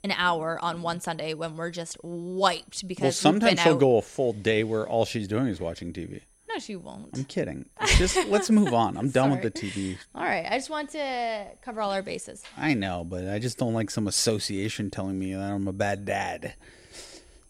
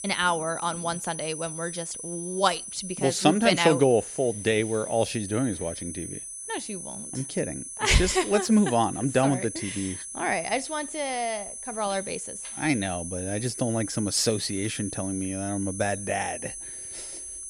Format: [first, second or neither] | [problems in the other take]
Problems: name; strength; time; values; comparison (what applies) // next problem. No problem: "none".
first | high-pitched whine; loud; throughout; 10 kHz, 8 dB below the speech; faint in the first